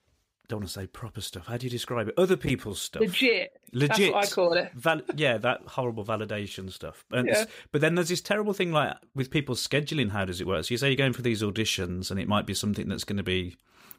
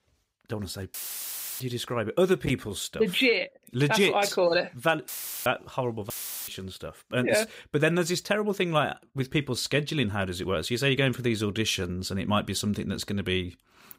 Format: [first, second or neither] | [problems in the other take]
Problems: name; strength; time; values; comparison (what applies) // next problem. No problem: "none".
first | audio cutting out; filled with static; at 1 s for 0.5 s, at 5 s and at 6 s